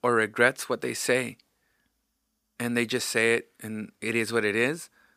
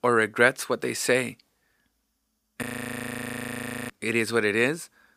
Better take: first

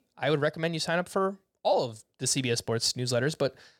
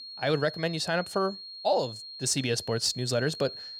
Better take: first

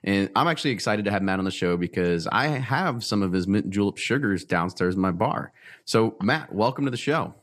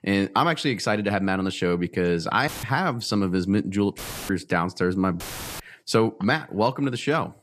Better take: first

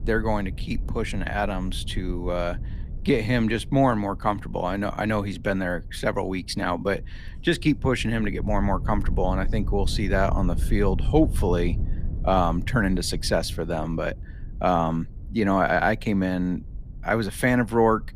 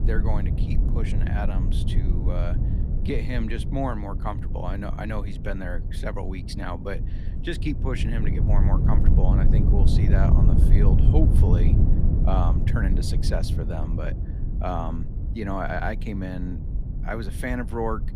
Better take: first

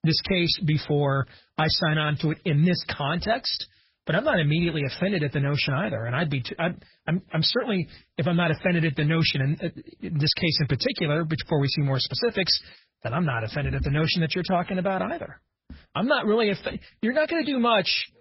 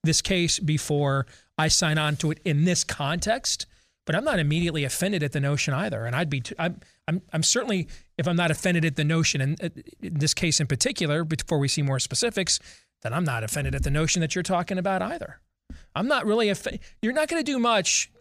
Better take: second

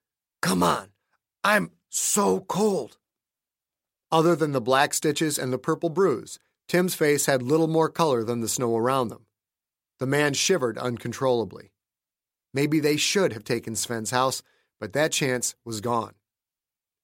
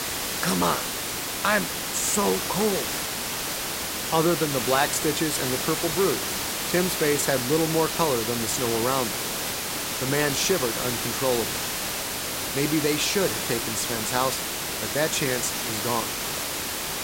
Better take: first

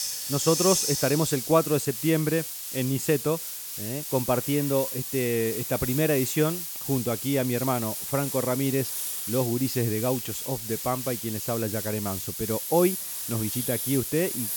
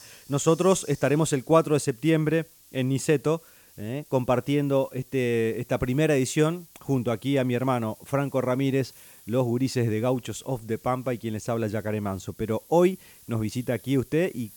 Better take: second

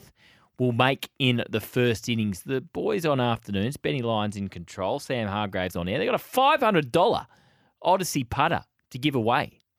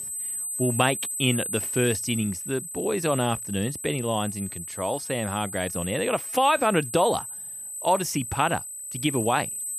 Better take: first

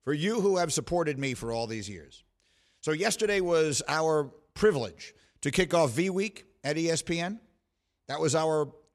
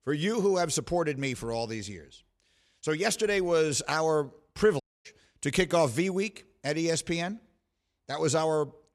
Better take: first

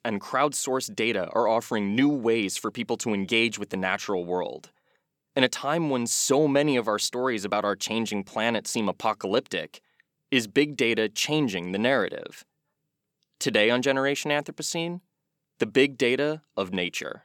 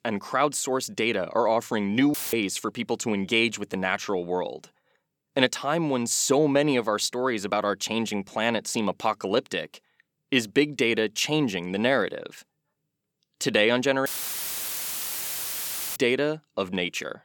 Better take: first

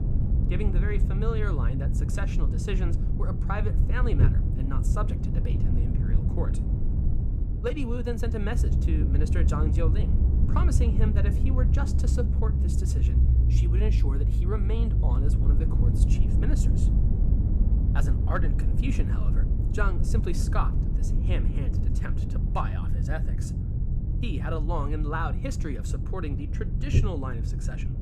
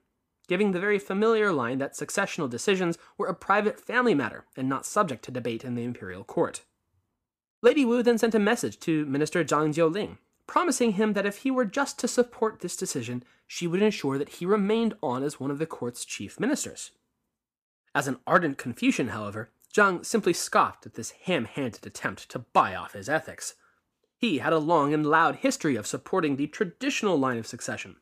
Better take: second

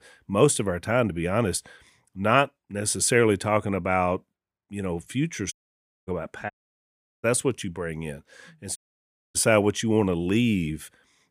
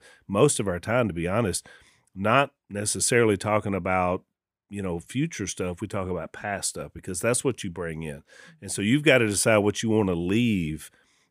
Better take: second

